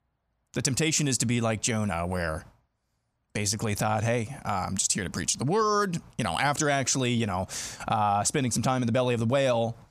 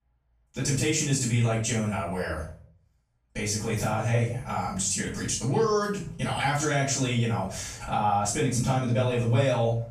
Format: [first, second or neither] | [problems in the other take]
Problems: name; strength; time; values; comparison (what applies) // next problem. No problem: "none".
first | off-mic speech; far // room echo; noticeable; dies away in 0.4 s